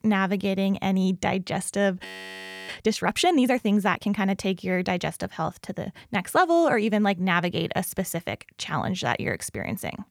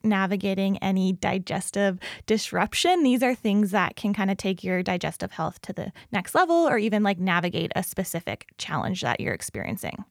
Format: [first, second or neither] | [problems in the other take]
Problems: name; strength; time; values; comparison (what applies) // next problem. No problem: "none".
second | audio freezing; at 2 s for 0.5 s